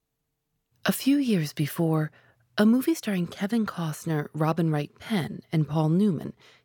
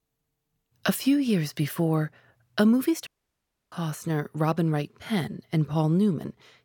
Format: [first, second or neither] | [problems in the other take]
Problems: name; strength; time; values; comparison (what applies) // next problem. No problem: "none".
first | audio cutting out; at 3 s for 0.5 s